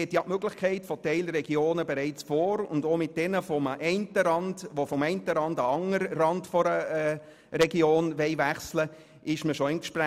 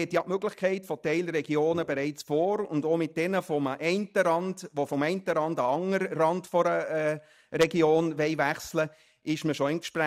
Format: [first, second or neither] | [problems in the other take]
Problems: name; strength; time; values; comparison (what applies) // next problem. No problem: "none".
first | noise reduction (neural mask model DeepFilterNet 3)